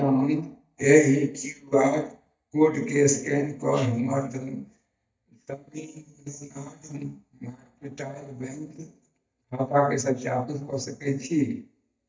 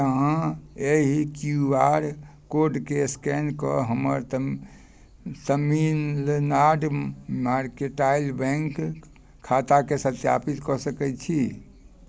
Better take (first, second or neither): second